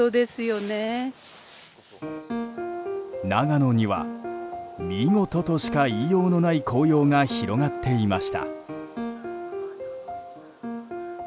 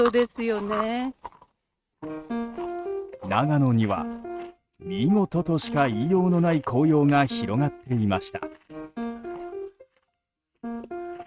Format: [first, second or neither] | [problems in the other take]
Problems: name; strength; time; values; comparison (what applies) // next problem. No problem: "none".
first | noise reduction (neural mask model RNNoise)